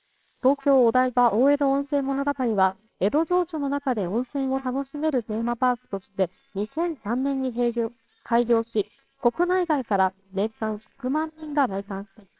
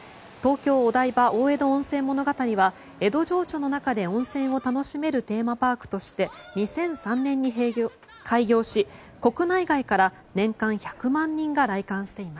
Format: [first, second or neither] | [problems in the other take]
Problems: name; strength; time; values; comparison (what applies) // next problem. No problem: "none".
second | noise reduction (neural separator model SepFormer WHAMR!)